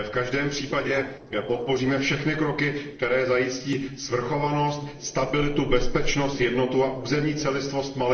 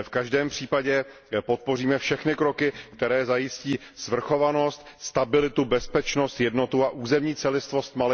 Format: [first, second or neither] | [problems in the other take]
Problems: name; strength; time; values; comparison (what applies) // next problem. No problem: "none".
second | noise reduction (neural separator model SepFormer DNS4)